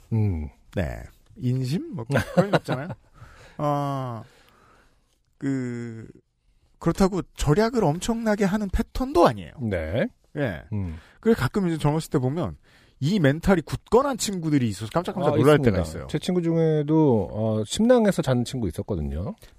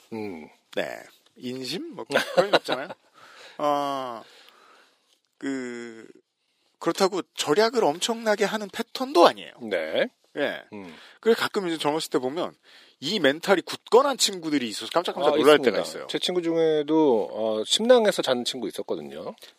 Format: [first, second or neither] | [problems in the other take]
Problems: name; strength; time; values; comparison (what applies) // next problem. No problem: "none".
first | thin; somewhat; fading below 300 Hz